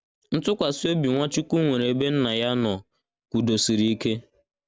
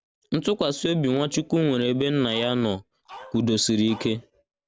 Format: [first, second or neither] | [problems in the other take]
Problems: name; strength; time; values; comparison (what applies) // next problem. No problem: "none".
first | background sound (Dog); 19 dB below the speech